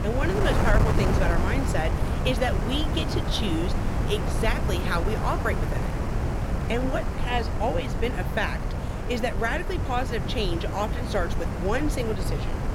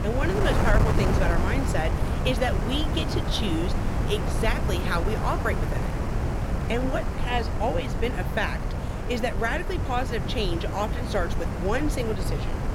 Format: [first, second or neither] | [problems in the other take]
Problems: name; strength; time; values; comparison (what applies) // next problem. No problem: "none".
neither | wind noise on the microphone; heavy; 4 dB below the speech; the same in both